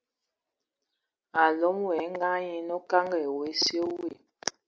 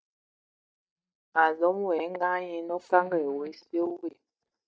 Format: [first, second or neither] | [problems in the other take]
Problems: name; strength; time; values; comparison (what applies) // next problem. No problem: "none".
first | noise reduction (neural mask model DeepFilterNet 3)